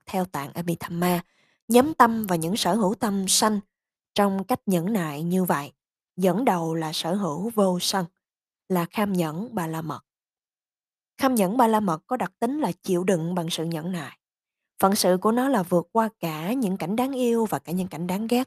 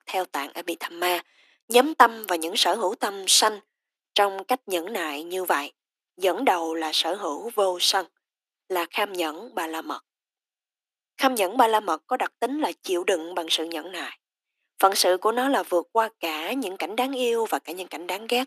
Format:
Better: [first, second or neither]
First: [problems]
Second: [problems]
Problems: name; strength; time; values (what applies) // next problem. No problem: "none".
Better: first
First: none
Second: thin; somewhat; fading below 250 Hz